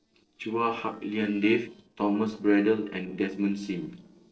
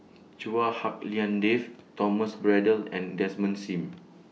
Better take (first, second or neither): second